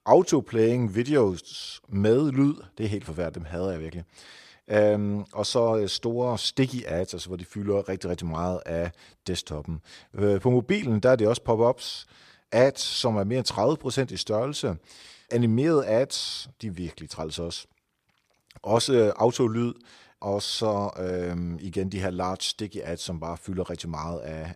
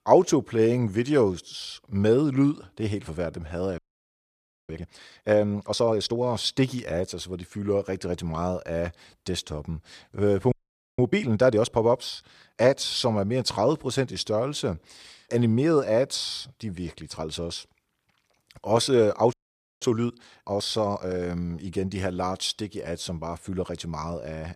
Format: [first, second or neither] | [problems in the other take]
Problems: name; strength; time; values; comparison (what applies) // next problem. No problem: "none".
first | audio freezing; at 4 s for 1 s, at 11 s and at 19 s